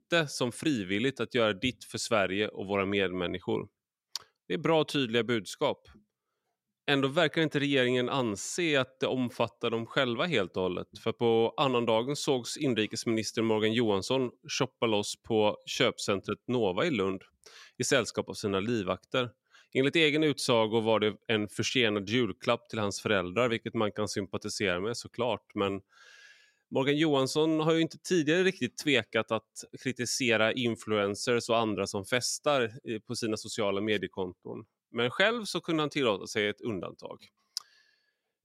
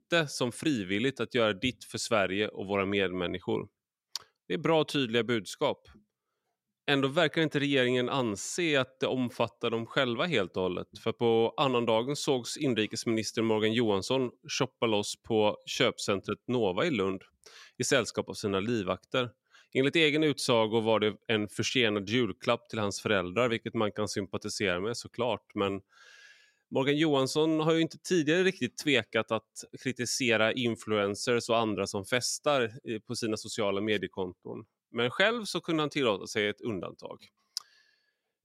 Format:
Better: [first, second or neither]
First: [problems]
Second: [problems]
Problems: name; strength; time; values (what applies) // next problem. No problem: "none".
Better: neither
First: none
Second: none